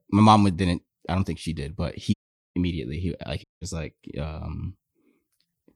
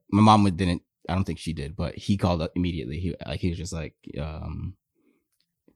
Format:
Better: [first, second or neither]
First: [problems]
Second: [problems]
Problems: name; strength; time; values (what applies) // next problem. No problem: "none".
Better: second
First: audio cutting out; at 2 s and at 3.5 s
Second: none